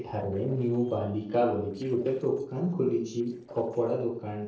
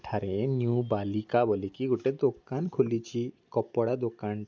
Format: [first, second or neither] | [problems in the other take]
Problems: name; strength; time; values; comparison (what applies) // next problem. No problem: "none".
second | noise reduction (neural separator model SepFormer DNS4)